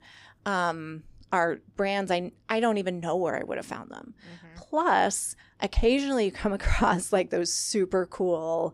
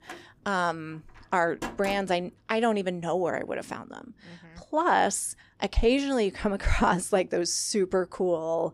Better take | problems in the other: first | door banging; noticeable; until 2 s; peak 9 dB below the speech

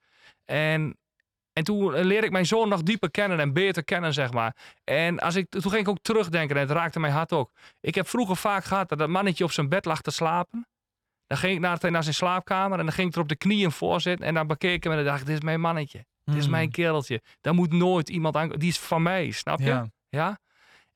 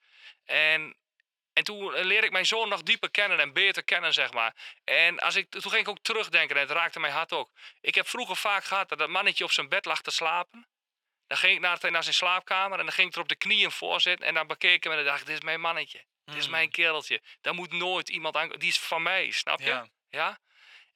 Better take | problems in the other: first | thin; very; fading below 500 Hz

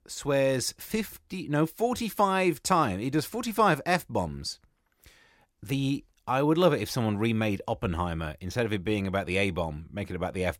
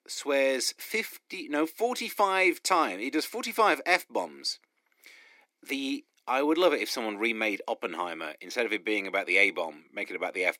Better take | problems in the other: first | thin; somewhat; fading below 250 Hz

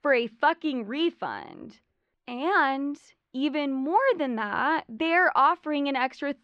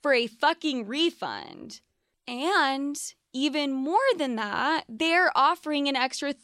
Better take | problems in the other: second | muffled; slightly; fading above 2 kHz

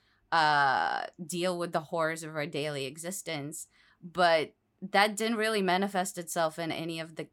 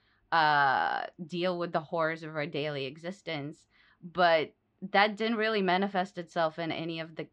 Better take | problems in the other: first | muffled; very slightly; fading above 4 kHz

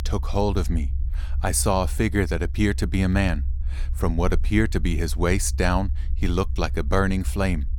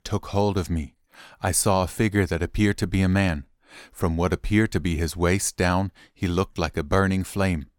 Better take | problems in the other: second | low rumble; faint; throughout; 25 dB below the speech

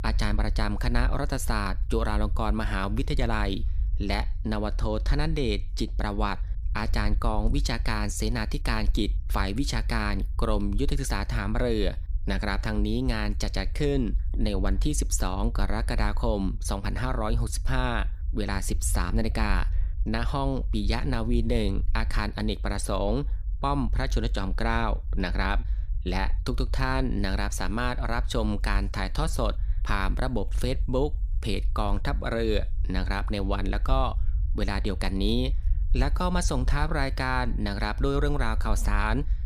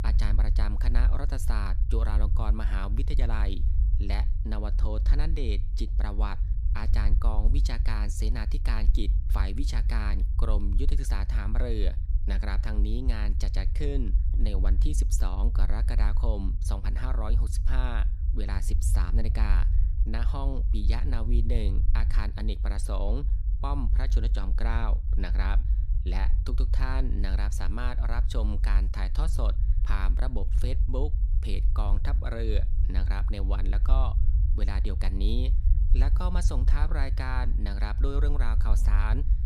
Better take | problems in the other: first | low rumble; loud; throughout; 10 dB below the speech; faint in the first

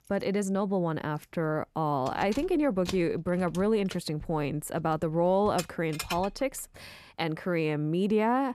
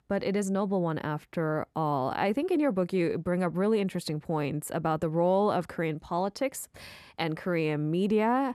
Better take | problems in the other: second | jangling keys; noticeable; from 1 to 6.5 s; peak 7 dB below the speech

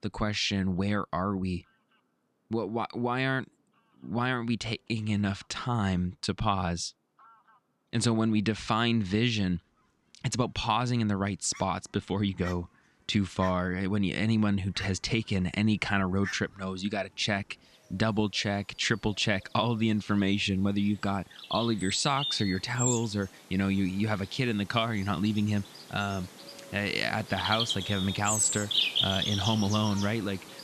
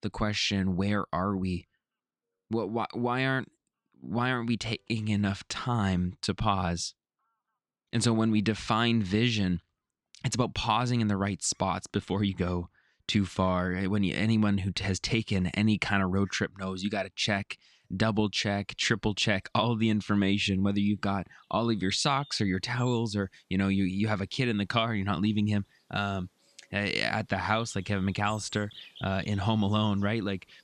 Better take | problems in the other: second | animal sounds; loud; throughout; 3 dB below the speech; faint in the second

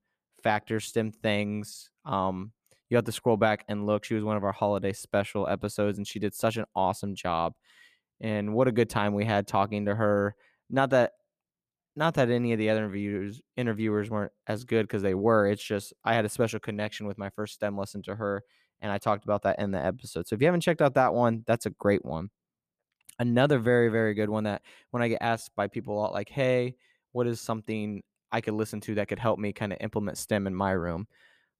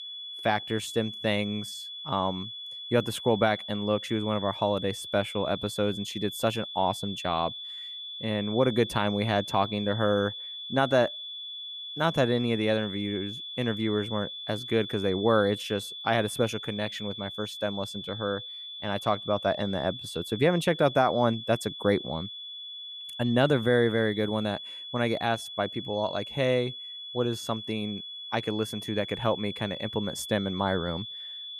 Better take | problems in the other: first | high-pitched whine; loud; throughout; 3.5 kHz, 8 dB below the speech

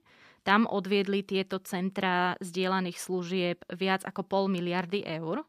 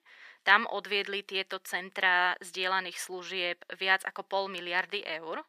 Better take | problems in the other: first | thin; very; fading below 550 Hz

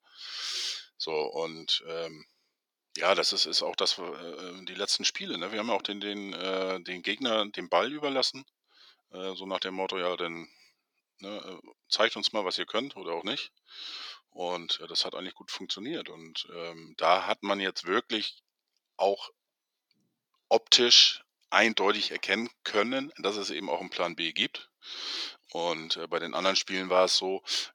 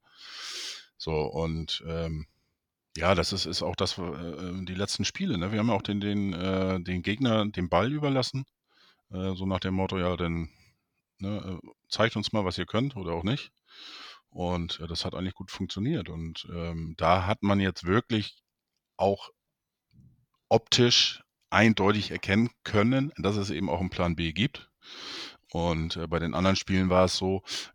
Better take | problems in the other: second | thin; somewhat; fading below 350 Hz

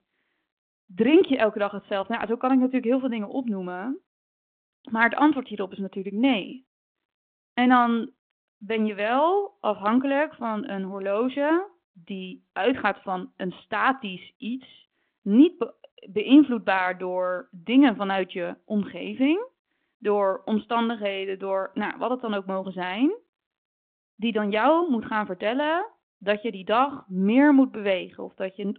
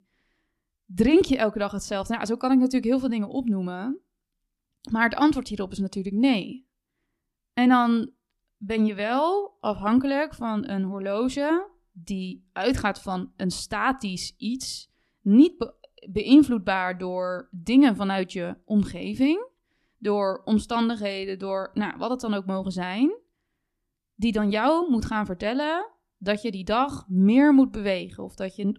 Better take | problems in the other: second | phone-call audio

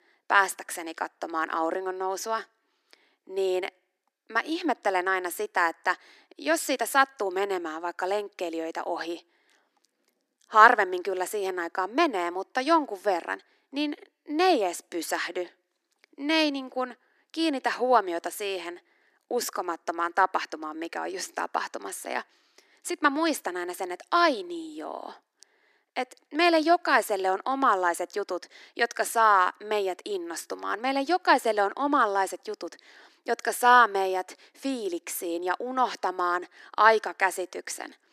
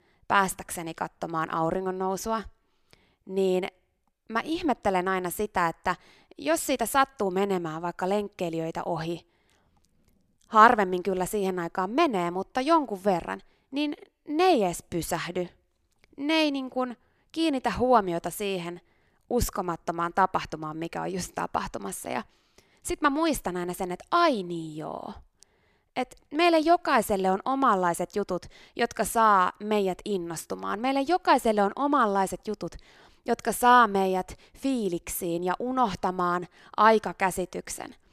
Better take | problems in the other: second | thin; very slightly; fading below 300 Hz

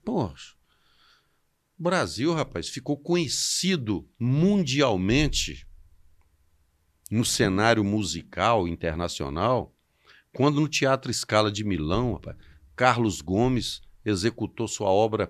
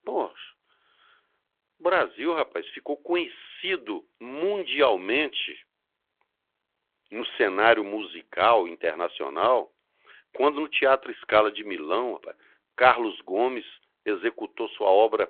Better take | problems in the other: first | phone-call audio

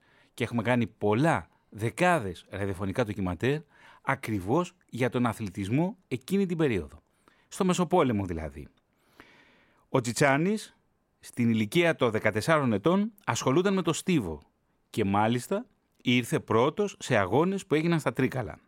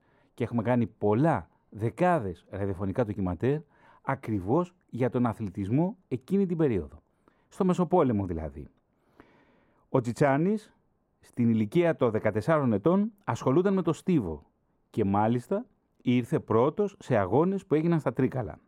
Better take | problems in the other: first | muffled; slightly; fading above 1.5 kHz

